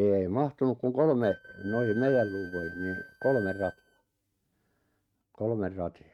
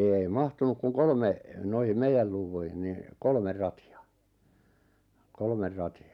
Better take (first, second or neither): second